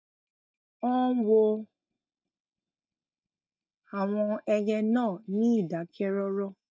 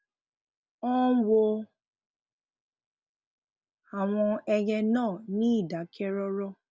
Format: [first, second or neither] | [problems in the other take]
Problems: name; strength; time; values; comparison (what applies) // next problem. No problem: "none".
second | noise reduction (neural mask model DeepFilterNet 3)